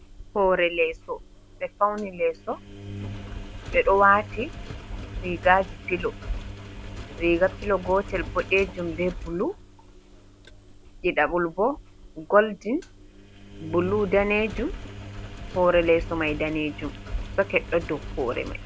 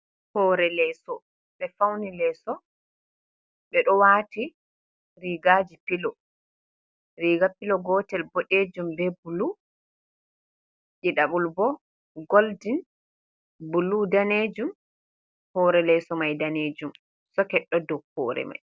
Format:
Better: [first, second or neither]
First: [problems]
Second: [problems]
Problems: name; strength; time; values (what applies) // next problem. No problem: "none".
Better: second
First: background sound (Engine); 11 dB below the speech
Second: none